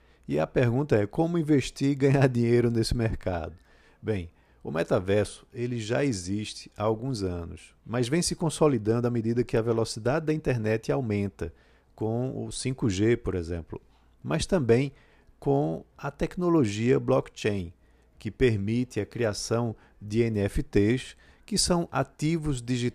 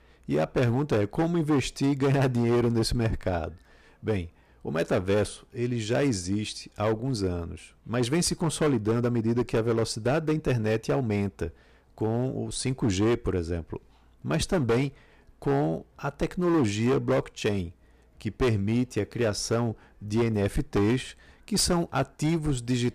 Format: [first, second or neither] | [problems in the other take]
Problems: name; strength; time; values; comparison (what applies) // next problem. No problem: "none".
first | distortion; slight; 9% of the sound clipped